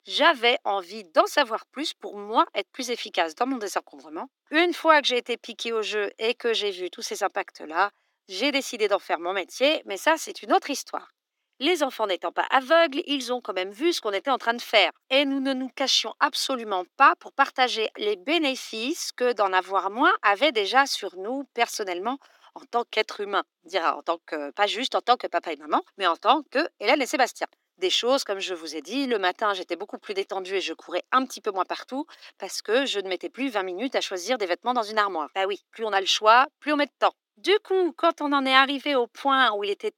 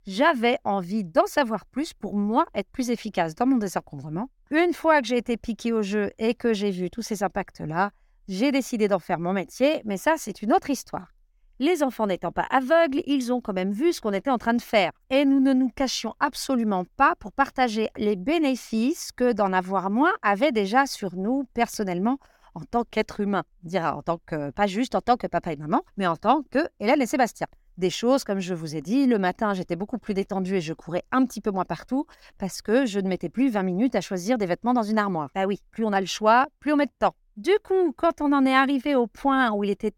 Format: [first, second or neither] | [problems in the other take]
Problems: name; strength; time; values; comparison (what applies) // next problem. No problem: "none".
second | thin; somewhat; fading below 300 Hz